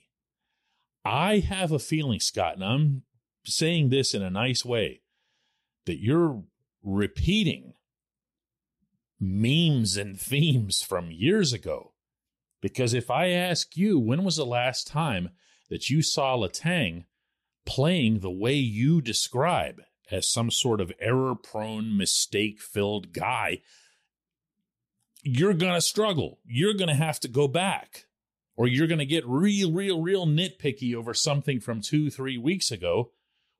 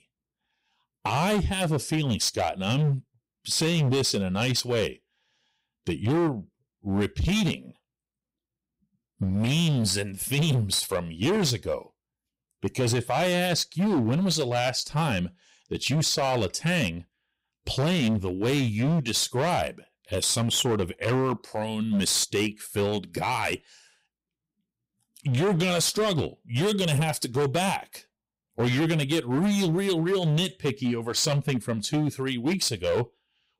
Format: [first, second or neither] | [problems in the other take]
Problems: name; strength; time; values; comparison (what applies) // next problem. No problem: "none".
first | distortion; slight; 13% of the sound clipped